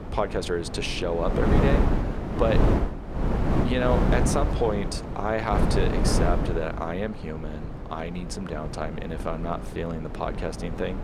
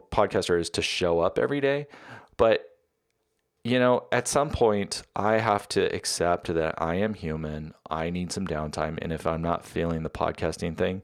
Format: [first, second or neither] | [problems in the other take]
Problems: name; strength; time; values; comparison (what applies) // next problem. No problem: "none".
second | wind noise on the microphone; heavy; 3 dB below the speech